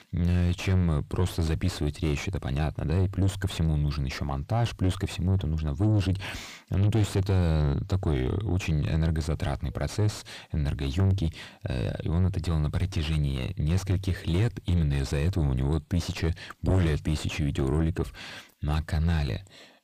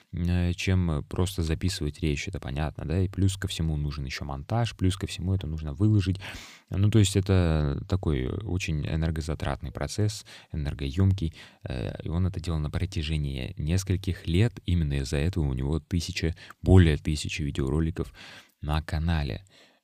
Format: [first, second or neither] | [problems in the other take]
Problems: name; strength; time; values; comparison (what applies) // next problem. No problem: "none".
second | distortion; heavy; 7 dB below the speech